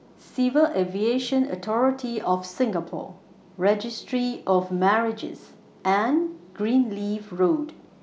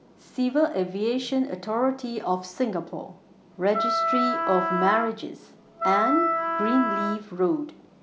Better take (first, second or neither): first